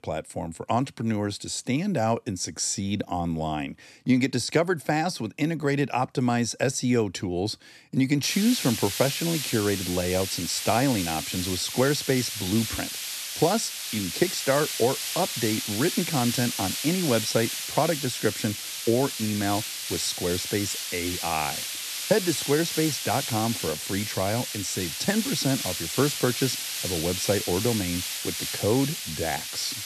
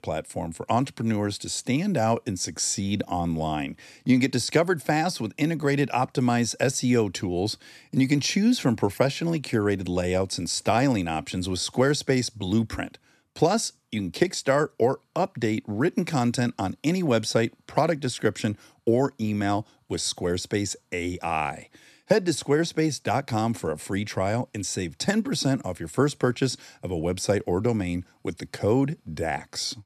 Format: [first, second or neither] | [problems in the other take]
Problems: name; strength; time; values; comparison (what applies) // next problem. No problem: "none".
second | hiss; loud; from 8 s on; 3 dB below the speech